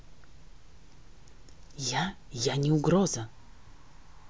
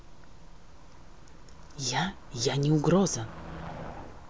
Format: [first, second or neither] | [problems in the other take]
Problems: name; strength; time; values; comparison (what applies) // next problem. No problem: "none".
first | background sound (Motor vehicle (road)); 16 dB below the speech